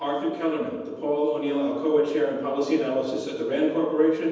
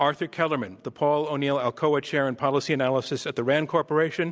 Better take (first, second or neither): second